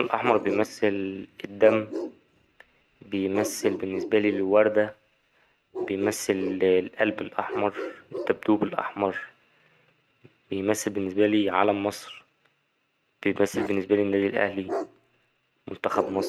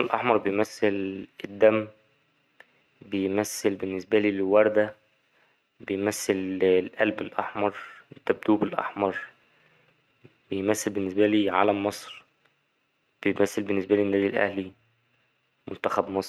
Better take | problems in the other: second | background sound (Bark); 11 dB below the speech

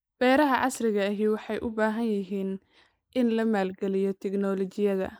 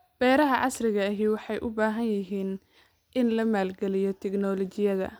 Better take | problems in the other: second | noise reduction (neural mask model Resemble Enhance denoiser)

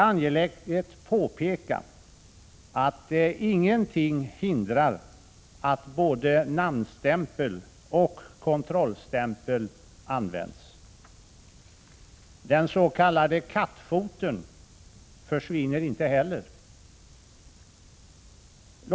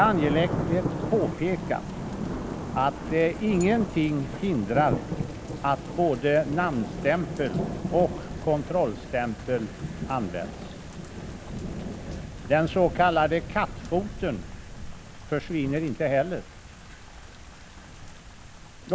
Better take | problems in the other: first | background sound (Thunder / Rain); 7 dB below the speech

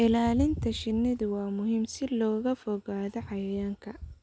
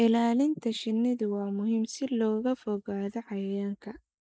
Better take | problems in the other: first | noise reduction (neural mask model Resemble Enhance denoiser)

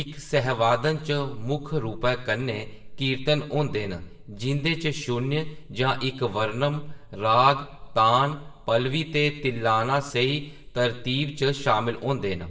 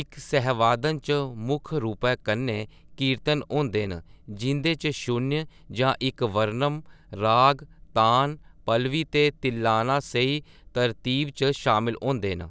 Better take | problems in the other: second | room echo; dies away in 0.6 s

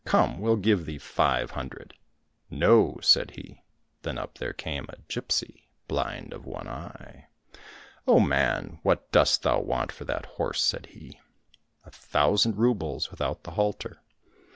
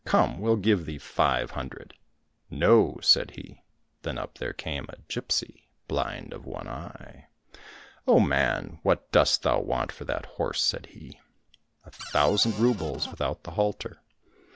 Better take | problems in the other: first | background sound (Cupboard open or close); 13 dB below the speech

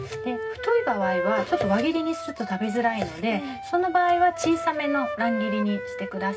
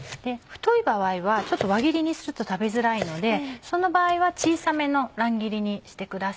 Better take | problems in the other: second | background sound (Wind instrument, woodwind instrument); 7 dB below the speech // room echo; dies away in 0.4 s

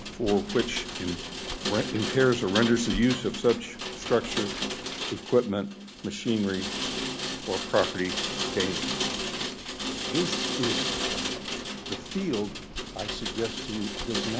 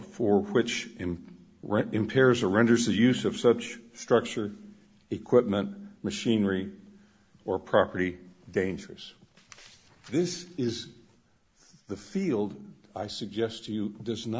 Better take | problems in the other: second | background sound (Rain); 3 dB below the speech

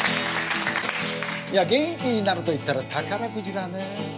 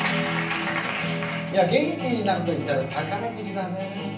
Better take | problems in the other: first | background sound (Growling); 18 dB below the speech // room echo; dies away in 0.6 s

